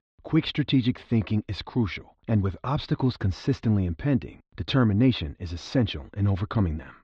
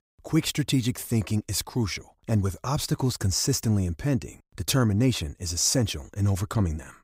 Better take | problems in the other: second | muffled; very; fading above 4 kHz

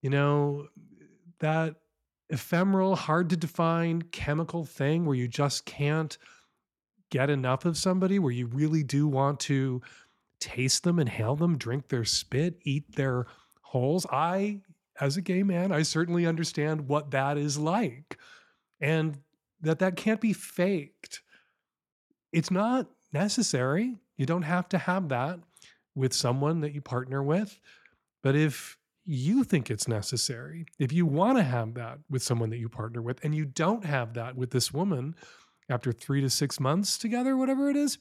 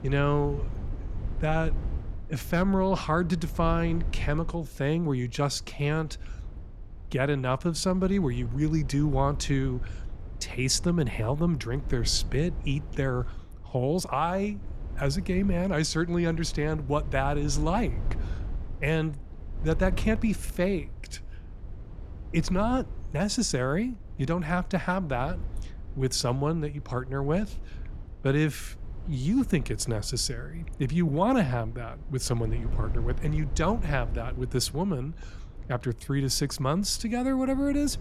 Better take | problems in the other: first | low rumble; faint; throughout; 20 dB below the speech

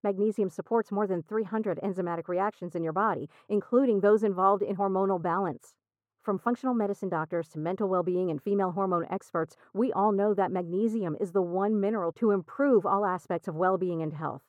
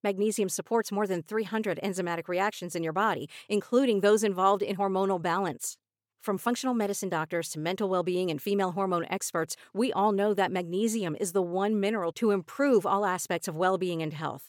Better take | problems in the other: second | muffled; very; fading above 2 kHz

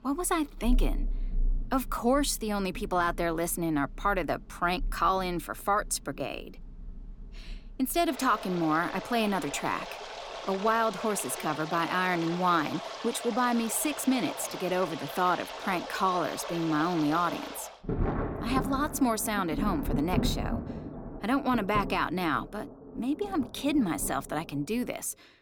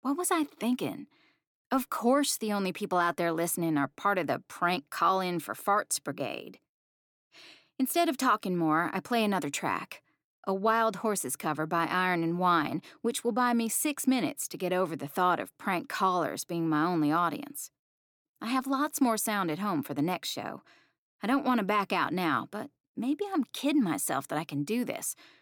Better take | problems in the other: second | rain or running water; loud; throughout; 9 dB below the speech

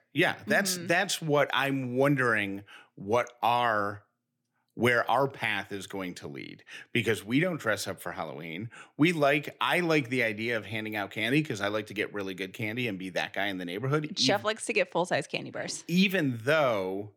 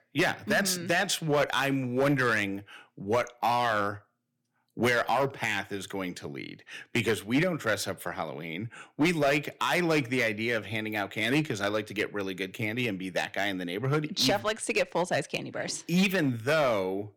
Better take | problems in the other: first | distortion; slight; 5% of the sound clipped

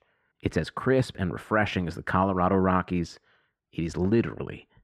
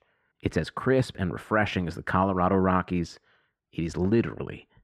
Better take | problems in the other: neither | muffled; slightly; fading above 4 kHz; the same in both

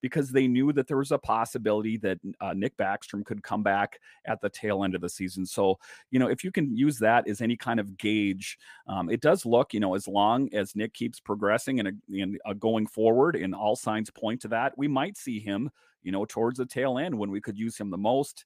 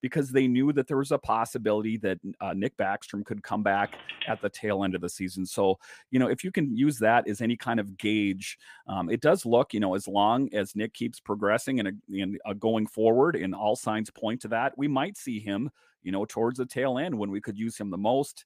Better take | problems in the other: first | phone ringing; noticeable; at 4 s; peak 8 dB below the speech

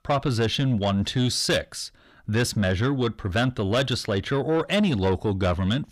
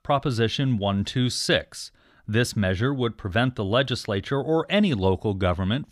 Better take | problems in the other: second | distortion; slight; 10 dB below the speech

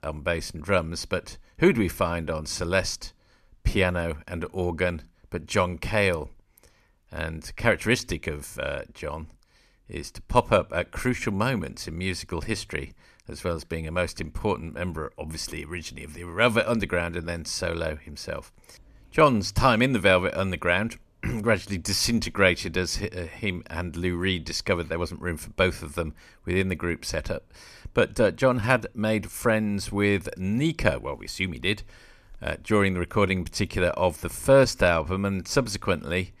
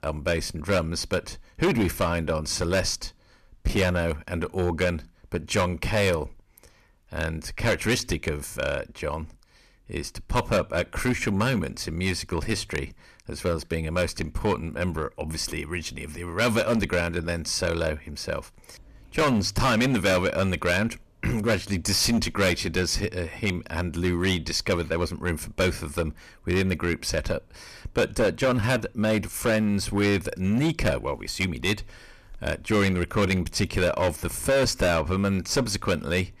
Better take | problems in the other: first | distortion; heavy; 7% of the sound clipped

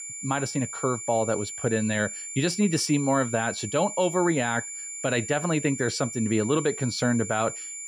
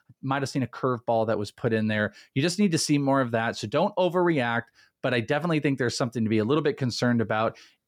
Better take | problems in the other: second | high-pitched whine; loud; throughout; 7 kHz, 8 dB below the speech

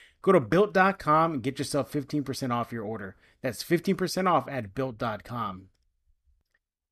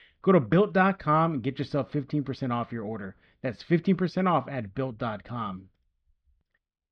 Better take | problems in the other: first | muffled; slightly; fading above 3.5 kHz

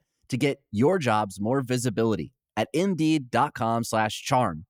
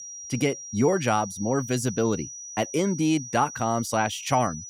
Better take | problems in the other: first | high-pitched whine; noticeable; throughout; 6 kHz, 10 dB below the speech

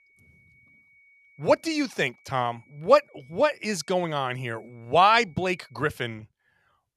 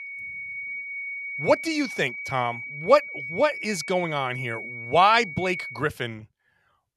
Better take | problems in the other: first | high-pitched whine; loud; until 6 s; 2 kHz, 8 dB below the speech; faint in the first

